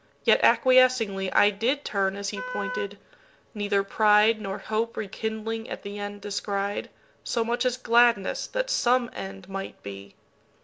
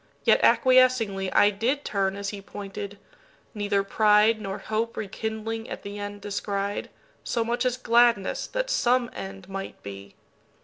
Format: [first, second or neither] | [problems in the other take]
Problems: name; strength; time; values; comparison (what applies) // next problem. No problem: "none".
second | background sound (Wind instrument, woodwind instrument); 10 dB below the speech